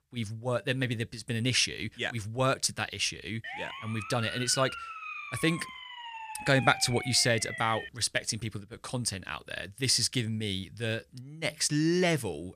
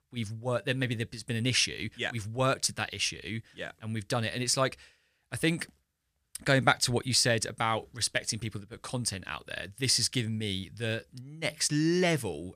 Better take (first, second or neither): second